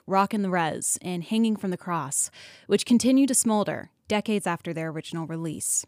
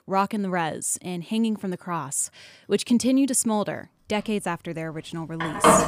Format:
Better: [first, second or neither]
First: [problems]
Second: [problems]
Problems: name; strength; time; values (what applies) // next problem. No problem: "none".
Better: first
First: none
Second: household noises; very loud; throughout; 3 dB above the speech